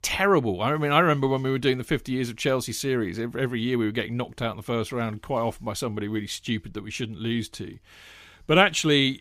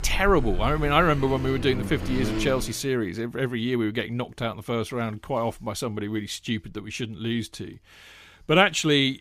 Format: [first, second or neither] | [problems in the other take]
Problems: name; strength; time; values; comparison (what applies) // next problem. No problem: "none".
first | traffic noise; loud; until 2.5 s; 7 dB below the speech